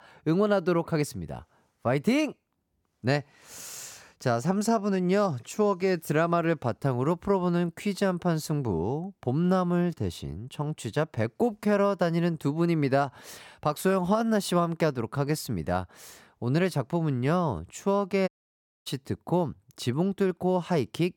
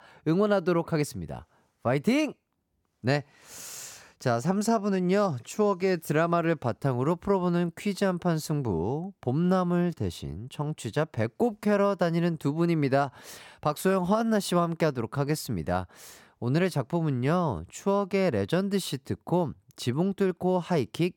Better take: second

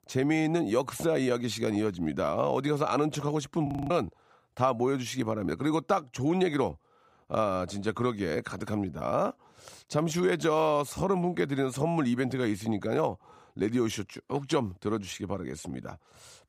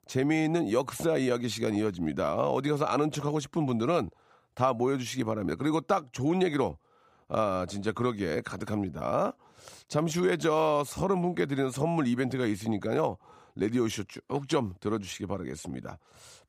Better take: second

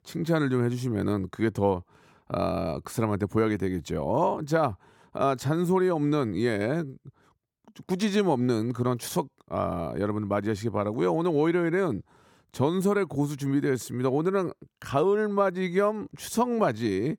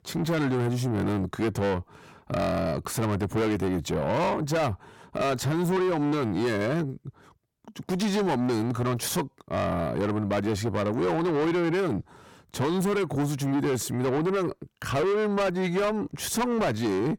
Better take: first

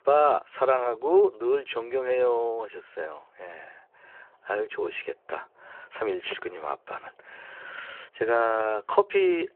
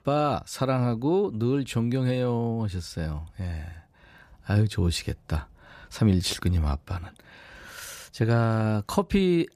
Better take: second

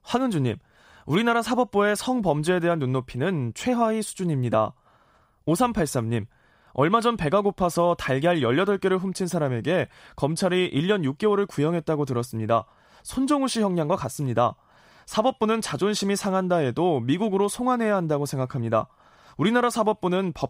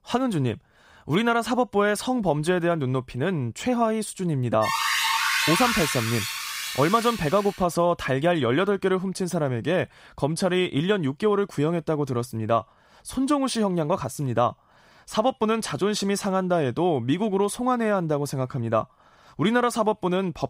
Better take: first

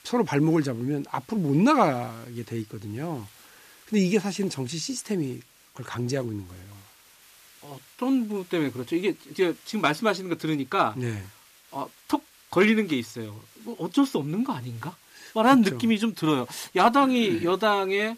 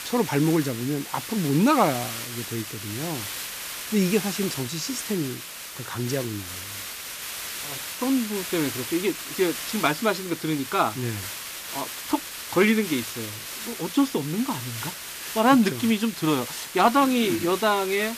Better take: first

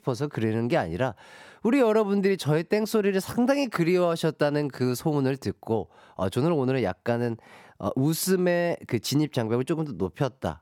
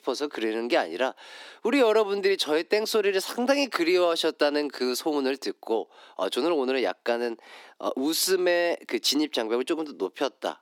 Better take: first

